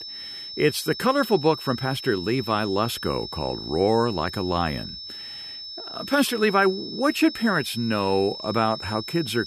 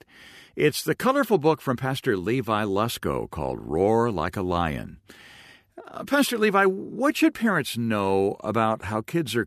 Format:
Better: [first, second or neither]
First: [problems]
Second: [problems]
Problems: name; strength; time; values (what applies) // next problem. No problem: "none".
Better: second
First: high-pitched whine; noticeable; throughout; 5.5 kHz, 10 dB below the speech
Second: none